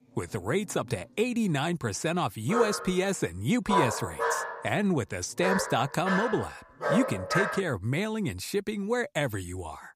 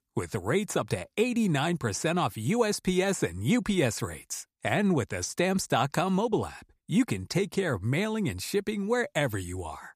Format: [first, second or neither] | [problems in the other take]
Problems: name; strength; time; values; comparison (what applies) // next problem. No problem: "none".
second | dog barking; loud; from 2.5 to 7.5 s; peak 2 dB above the speech